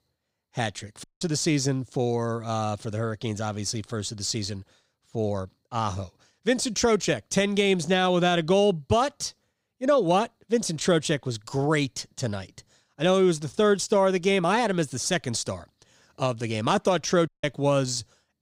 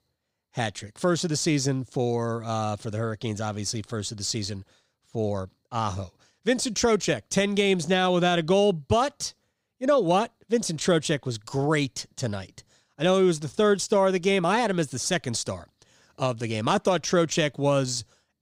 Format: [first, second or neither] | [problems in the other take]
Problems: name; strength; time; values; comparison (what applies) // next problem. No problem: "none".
second | audio cutting out; at 1 s and at 17 s